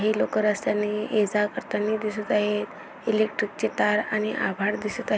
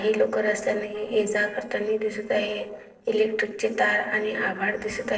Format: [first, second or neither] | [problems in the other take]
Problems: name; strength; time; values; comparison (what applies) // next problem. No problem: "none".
first | noise reduction (neural separator model SepFormer DNS4)